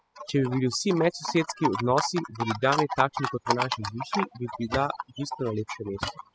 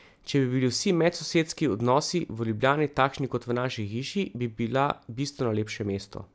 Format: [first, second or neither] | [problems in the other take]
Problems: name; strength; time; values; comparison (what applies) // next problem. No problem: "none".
second | noise reduction (classical method spectral subtraction)